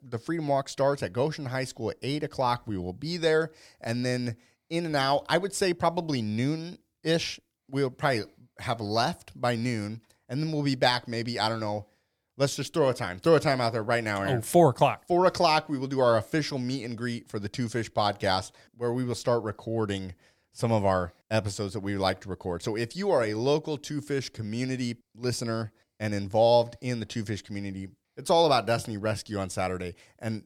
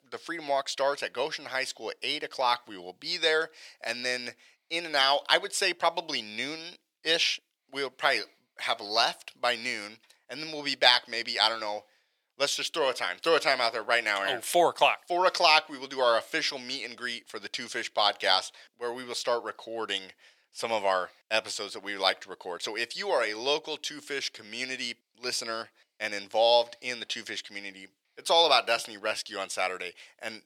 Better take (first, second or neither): first